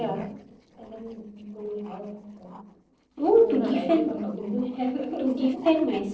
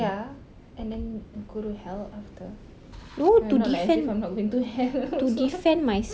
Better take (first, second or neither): second